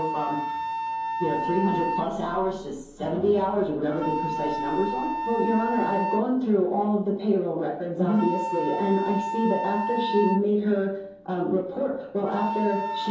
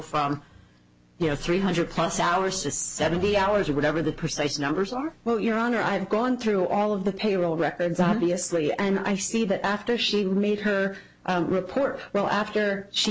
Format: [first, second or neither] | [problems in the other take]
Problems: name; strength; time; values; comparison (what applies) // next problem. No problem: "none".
second | background sound (Wind instrument, woodwind instrument); 5 dB below the speech // room echo; dies away in 2.8 s